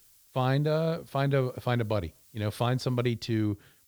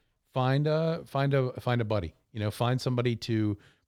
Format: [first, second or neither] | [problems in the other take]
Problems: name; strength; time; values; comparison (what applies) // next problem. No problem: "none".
second | hiss; faint; throughout; 25 dB below the speech